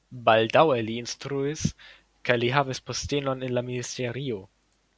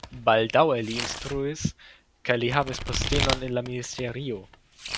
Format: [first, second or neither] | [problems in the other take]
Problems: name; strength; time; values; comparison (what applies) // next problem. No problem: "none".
first | background sound (Domestic sounds, home sounds); 7 dB below the speech